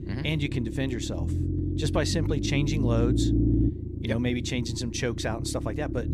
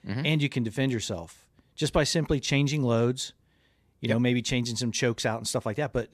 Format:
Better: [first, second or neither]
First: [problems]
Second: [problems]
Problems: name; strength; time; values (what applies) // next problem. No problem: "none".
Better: second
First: low rumble; loud; throughout; 4 dB below the speech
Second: none